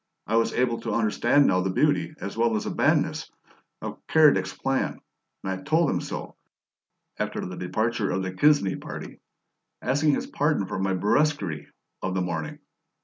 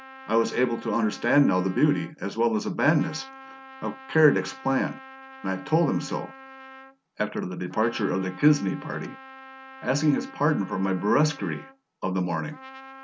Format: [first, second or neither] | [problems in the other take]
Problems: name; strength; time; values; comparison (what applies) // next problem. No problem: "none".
first | background sound (Trumpet); 19 dB below the speech